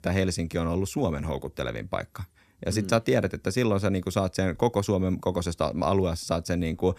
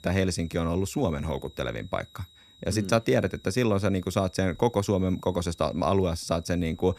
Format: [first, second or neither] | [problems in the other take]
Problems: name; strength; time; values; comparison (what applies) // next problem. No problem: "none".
first | high-pitched whine; faint; throughout; 4 kHz, 25 dB below the speech